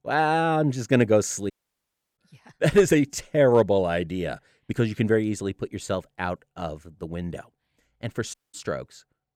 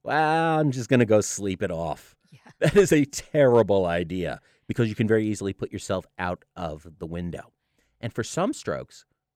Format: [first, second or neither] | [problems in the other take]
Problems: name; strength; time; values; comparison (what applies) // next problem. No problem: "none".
second | audio cutting out; at 1.5 s for 0.5 s and at 8.5 s